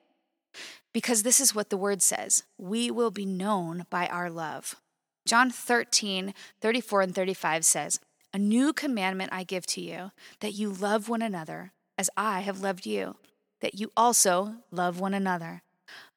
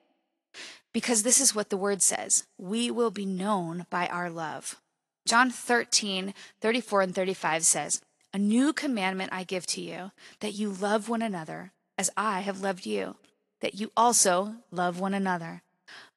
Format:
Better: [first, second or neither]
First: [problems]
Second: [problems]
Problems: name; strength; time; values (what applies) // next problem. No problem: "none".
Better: first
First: none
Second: garbled, watery; slightly; nothing above 11 kHz